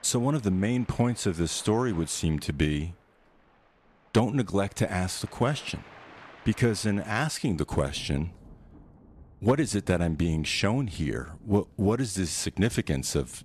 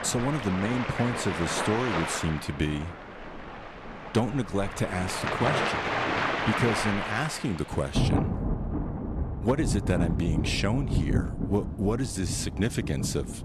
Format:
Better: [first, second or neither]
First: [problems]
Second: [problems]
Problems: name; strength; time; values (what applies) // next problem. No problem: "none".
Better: first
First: rain or running water; faint; throughout; 25 dB below the speech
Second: rain or running water; loud; throughout; 1 dB below the speech